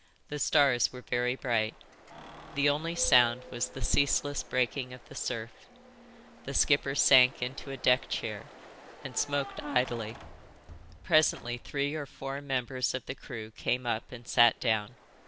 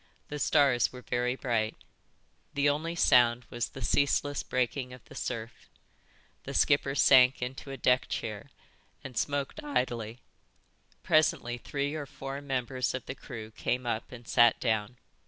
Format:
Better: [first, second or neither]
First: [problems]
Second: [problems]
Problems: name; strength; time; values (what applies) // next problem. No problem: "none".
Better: second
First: background sound (Keys jangling + Ocean); 19 dB below the speech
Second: none